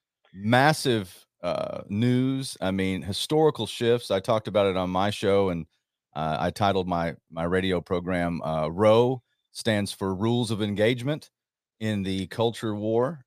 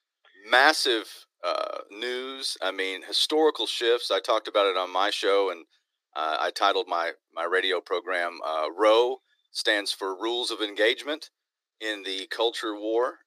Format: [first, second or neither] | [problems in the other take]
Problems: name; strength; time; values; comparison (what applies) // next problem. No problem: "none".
first | thin; very; fading below 300 Hz